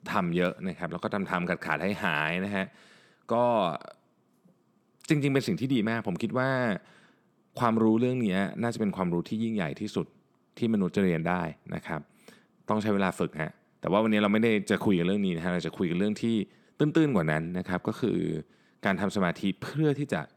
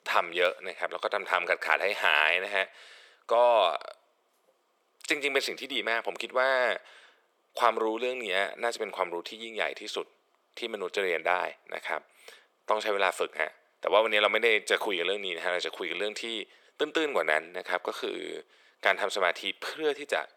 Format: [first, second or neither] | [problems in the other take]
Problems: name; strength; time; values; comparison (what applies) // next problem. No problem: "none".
first | thin; very; fading below 500 Hz